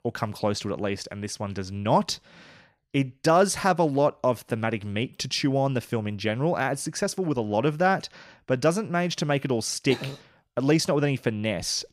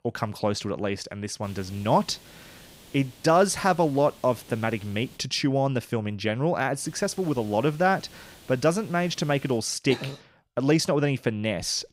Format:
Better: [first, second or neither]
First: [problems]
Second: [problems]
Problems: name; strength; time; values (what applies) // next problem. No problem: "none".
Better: first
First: none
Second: hiss; faint; from 1.5 to 5 s and from 7 to 9.5 s; 25 dB below the speech